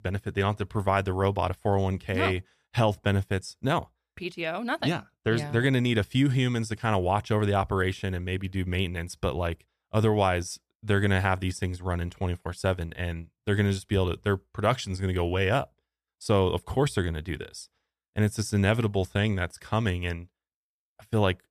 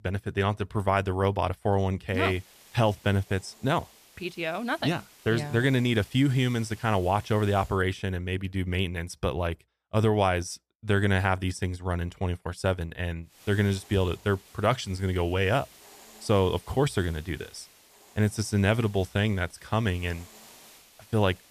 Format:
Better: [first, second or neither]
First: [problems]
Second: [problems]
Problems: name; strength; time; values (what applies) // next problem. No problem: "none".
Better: first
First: none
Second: hiss; faint; from 2 to 7.5 s and from 13 s on; 25 dB below the speech